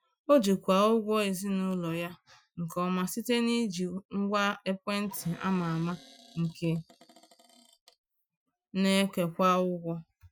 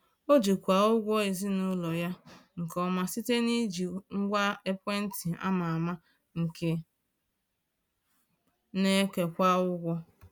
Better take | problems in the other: second | noise reduction (classical method Wiener filter)

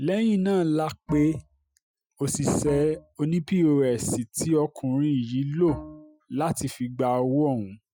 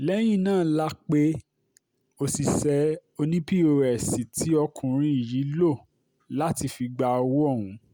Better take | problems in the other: second | noise reduction (classical method Wiener filter)

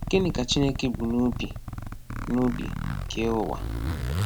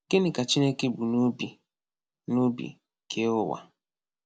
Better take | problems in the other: second | background sound (Zipper (clothing)); 3 dB below the speech

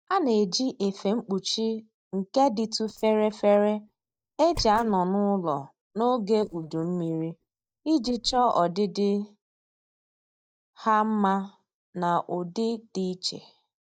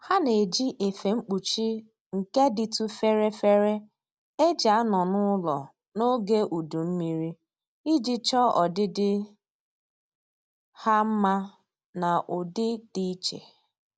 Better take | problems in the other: second | noise reduction (neural mask model DeepFilterNet 3)

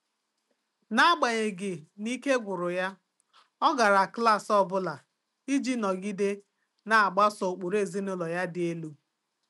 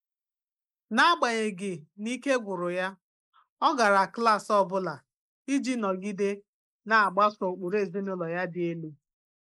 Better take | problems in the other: first | noise reduction (neural mask model Resemble Enhance denoiser)

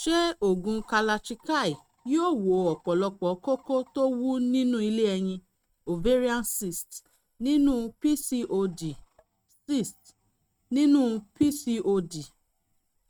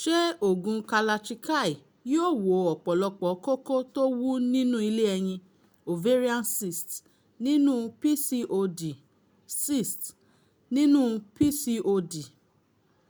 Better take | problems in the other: second | noise reduction (neural mask model RNNoise)

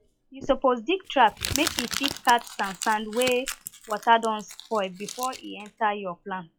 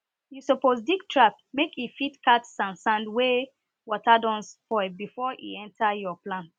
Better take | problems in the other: second | noise reduction (classical method log-MMSE)

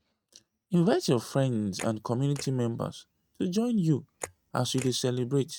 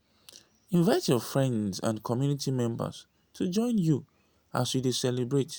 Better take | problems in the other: second | noise reduction (neural mask model RNNoise)

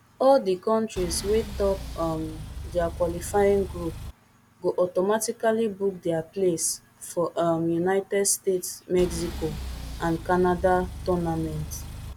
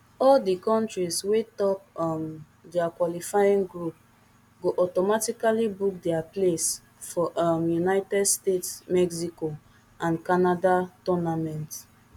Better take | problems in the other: second | background sound (Engine); 10 dB below the speech

